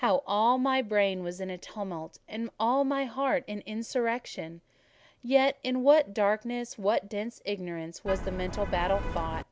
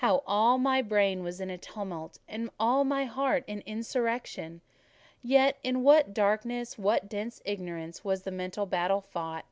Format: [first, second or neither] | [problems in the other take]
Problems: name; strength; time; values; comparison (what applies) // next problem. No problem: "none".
second | background sound (Vehicle horn, car horn, honking); 5 dB below the speech